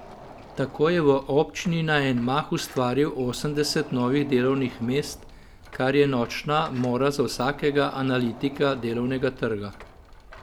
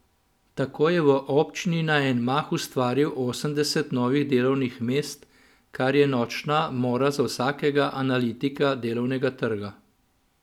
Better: second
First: background sound (Door); 19 dB below the speech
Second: none

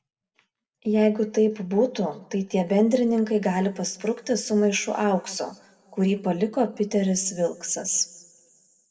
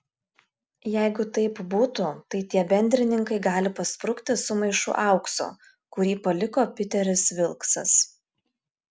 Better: second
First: room echo; dies away in 1.2 s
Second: none

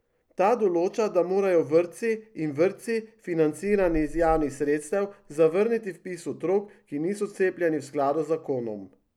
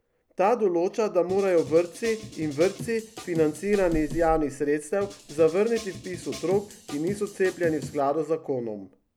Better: first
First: none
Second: background sound (Drum kit); 15 dB below the speech

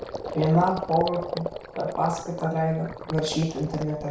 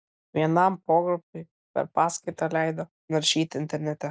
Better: second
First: background sound (Gurgling); 9 dB below the speech // room echo; dies away in 0.6 s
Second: none

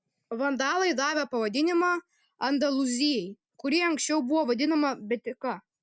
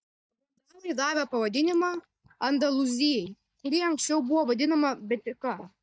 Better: first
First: none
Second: noise reduction (neural mask model DeepFilterNet 3)

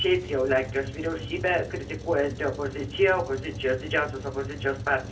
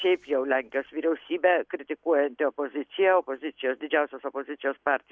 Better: second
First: background sound (Truck); 10 dB below the speech // room echo; dies away in 0.2 s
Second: none

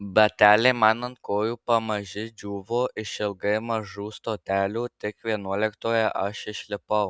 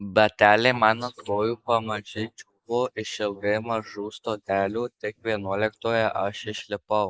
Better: first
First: none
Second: noise reduction (neural mask model Resemble Enhance denoiser)

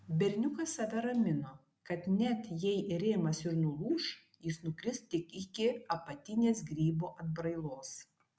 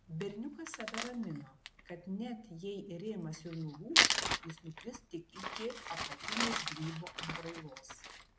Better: first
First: none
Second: background sound (Crumpling, crinkling); 5 dB above the speech

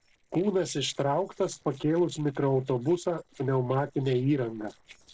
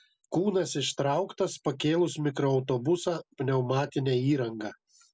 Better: second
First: noise reduction (neural separator model SepFormer DNS4)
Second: none

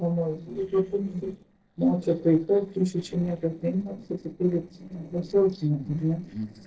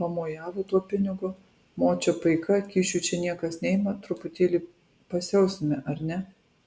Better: second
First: noise reduction (neural separator model SepFormer DNS4)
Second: none

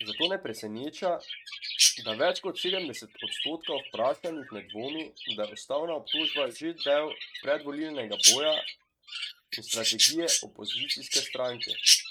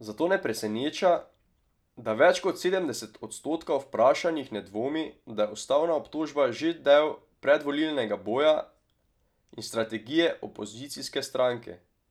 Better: second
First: noise reduction (neural mask model RNNoise)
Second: none

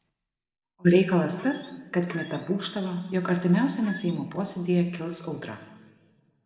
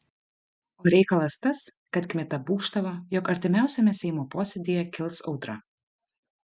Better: second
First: background sound (Squeak); 16 dB below the speech // room echo; dies away in 1.4 s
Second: none

